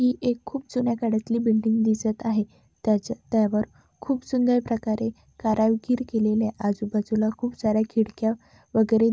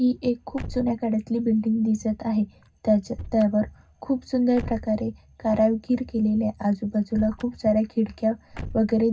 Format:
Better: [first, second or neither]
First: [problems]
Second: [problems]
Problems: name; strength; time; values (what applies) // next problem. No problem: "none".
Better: first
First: none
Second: background sound (Slam / Car); 18 dB below the speech // room echo; dies away in 0.4 s